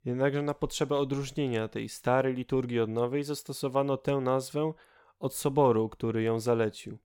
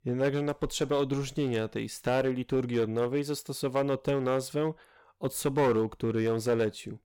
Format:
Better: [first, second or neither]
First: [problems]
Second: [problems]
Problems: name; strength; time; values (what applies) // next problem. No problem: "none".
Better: first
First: none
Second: distortion; slight; 5% of the sound clipped